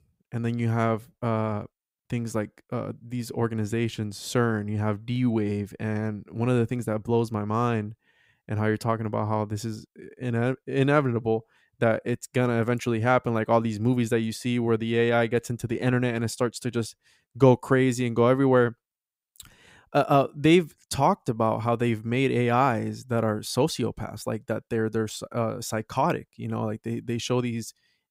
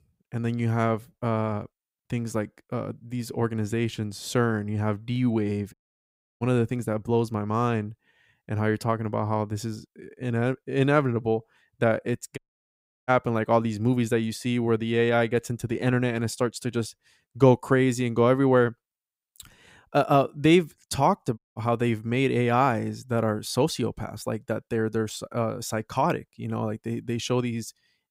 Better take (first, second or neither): first